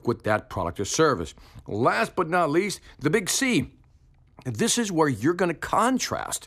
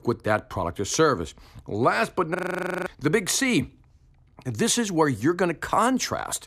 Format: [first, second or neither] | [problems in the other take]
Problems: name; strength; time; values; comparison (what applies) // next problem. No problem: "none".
first | audio freezing; at 2.5 s for 0.5 s